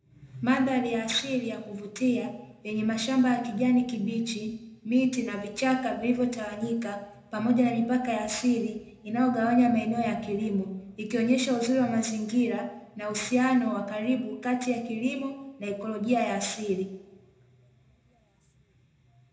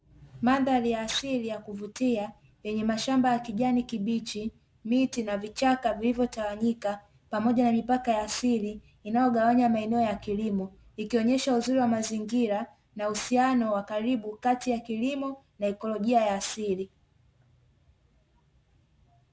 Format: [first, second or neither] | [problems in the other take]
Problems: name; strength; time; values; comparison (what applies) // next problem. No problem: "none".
second | room echo; dies away in 0.7 s